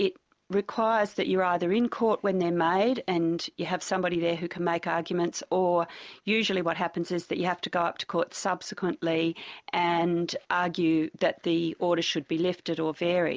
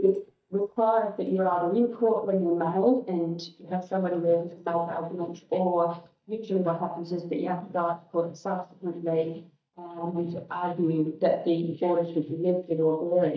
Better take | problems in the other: first | noise reduction (neural mask model DeepFilterNet 3)

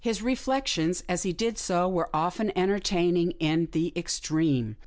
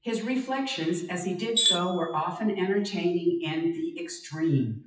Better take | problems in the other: first | noise reduction (classical method WPE with log-MMSE)

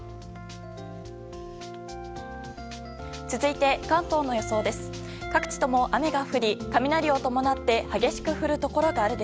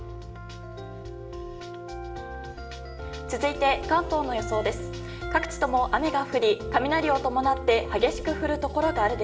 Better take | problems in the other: first | room echo; dies away in 0.7 s

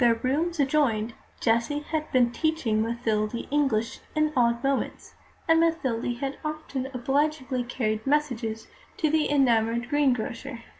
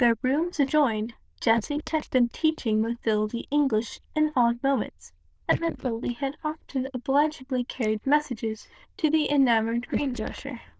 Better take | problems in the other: first | noise reduction (neural diffusion model UNIVERSE++)

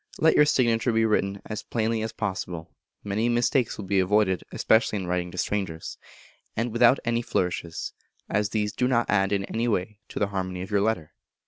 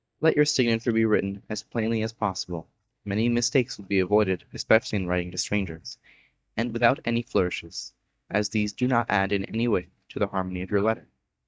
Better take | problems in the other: first | noise reduction (neural mask model DeepFilterNet 3)

